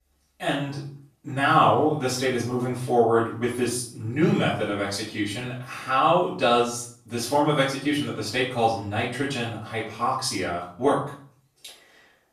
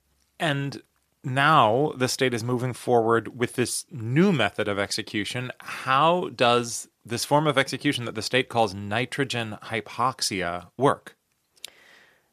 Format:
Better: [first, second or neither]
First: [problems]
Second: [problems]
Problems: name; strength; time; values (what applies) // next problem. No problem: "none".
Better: second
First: off-mic speech; far // room echo; noticeable; dies away in 0.4 s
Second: none